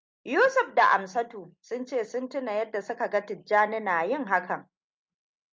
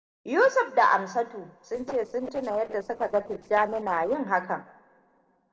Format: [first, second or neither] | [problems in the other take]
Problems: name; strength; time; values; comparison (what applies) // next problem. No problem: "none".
first | noise reduction (neural separator model SepFormer DNS4)